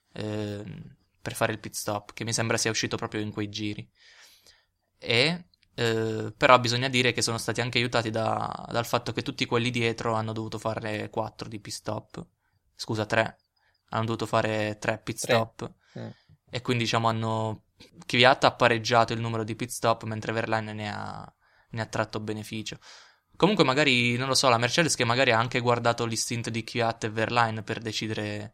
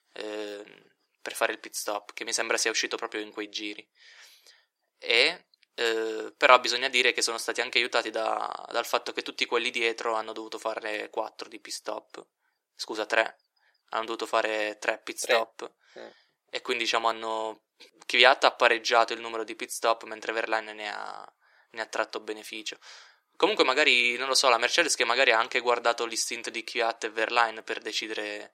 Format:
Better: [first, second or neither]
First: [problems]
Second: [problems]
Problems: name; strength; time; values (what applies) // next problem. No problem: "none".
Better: first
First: none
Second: thin; very; fading below 350 Hz